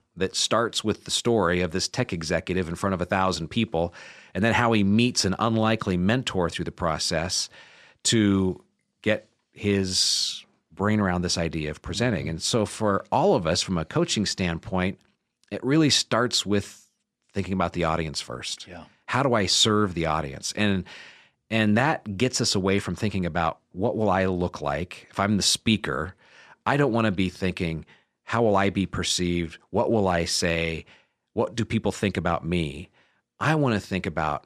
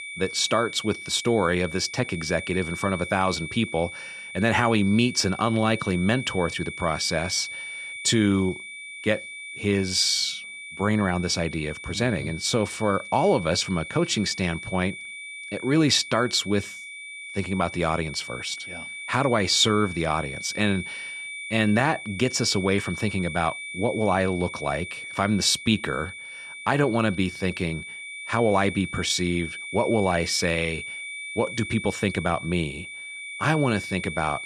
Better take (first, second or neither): first